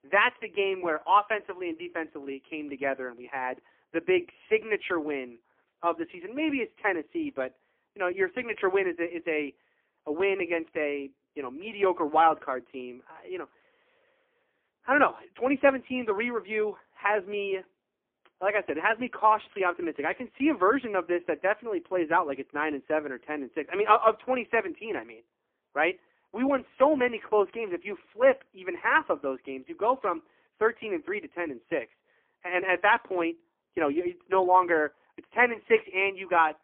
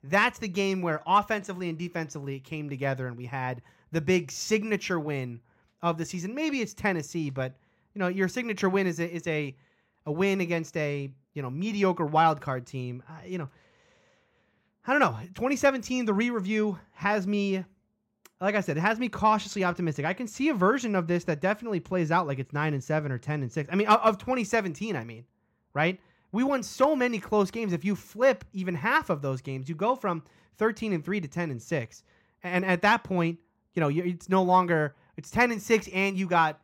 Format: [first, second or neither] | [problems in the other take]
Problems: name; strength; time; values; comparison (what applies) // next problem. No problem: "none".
second | phone-call audio; poor line